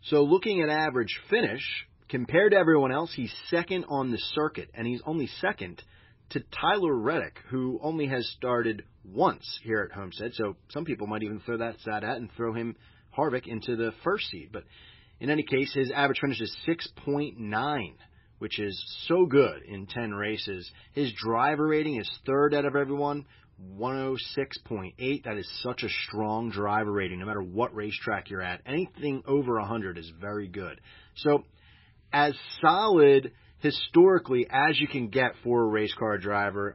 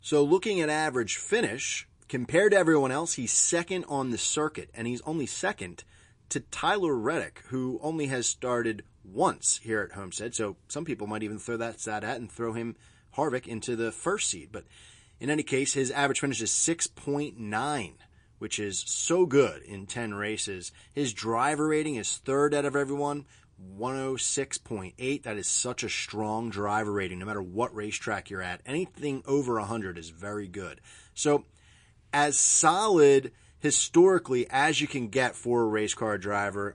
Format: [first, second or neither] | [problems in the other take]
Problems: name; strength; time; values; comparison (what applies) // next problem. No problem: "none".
second | garbled, watery; badly; nothing above 5.5 kHz; slightly in the second